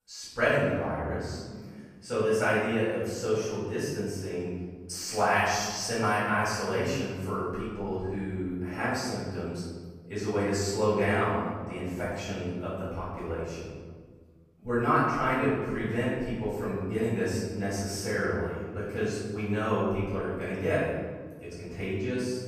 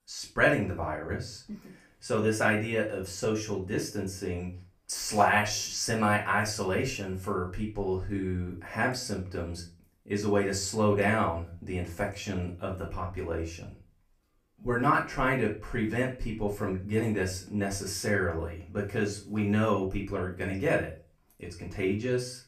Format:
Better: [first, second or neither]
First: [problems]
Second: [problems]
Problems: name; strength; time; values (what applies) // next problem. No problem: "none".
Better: second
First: room echo; strong; dies away in 1.4 s // off-mic speech; far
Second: room echo; slight; dies away in 0.3 s // off-mic speech; far